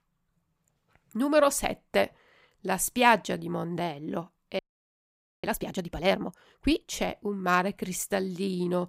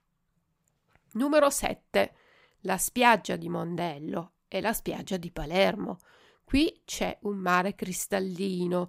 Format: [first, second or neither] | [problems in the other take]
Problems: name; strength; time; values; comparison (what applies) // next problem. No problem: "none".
second | audio freezing; at 4.5 s for 1 s